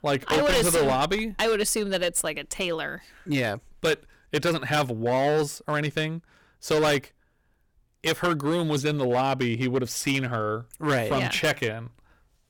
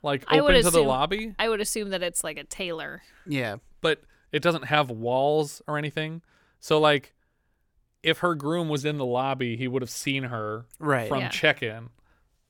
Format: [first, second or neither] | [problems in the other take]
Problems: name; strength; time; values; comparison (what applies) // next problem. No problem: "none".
second | distortion; heavy; 10% of the sound clipped